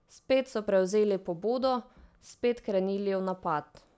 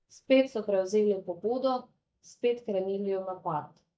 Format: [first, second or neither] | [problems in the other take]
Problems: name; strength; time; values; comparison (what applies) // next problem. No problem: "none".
first | noise reduction (neural mask model DeepFilterNet 3)